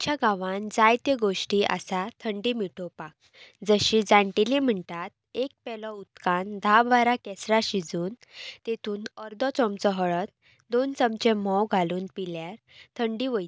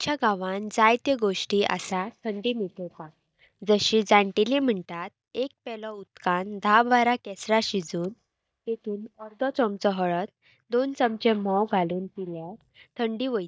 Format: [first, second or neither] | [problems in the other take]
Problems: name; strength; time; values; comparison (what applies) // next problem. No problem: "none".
first | noise reduction (neural mask model DeepFilterNet 3)